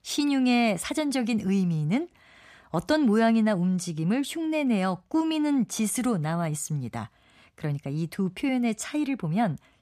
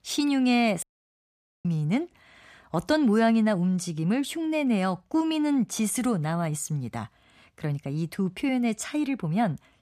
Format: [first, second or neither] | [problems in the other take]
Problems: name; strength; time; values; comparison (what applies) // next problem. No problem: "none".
first | audio cutting out; at 1 s for 1 s